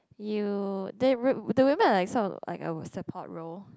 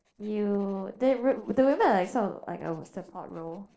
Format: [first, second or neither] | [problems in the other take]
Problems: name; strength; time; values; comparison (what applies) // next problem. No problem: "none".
first | noise reduction (neural separator model SepFormer DNS4)